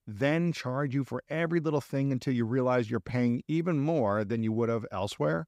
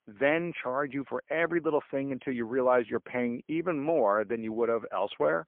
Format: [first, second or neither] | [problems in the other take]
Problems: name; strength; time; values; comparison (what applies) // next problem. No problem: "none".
first | phone-call audio; poor line; nothing above 3.5 kHz